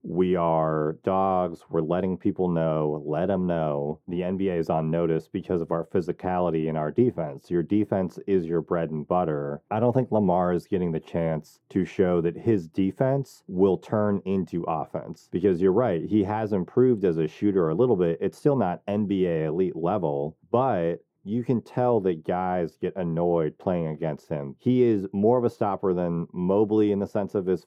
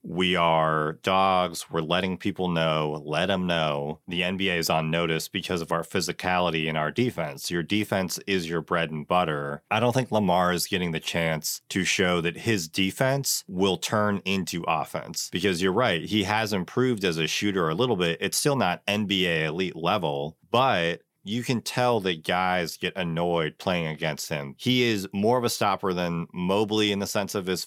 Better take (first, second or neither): second